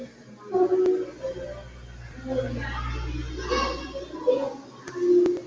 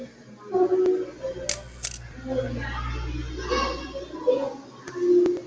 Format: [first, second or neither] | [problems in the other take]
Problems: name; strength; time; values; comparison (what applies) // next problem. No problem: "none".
first | background sound (Camera); 12 dB below the speech